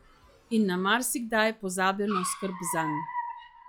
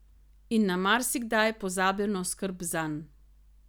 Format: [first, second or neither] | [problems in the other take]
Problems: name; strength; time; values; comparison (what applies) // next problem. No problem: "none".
second | noise reduction (classical method log-MMSE)